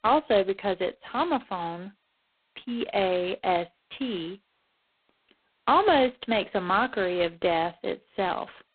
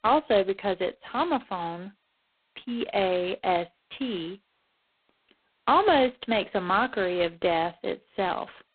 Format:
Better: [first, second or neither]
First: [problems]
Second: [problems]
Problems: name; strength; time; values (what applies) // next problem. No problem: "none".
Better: neither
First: phone-call audio; poor line; nothing above 4 kHz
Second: phone-call audio; poor line; nothing above 4 kHz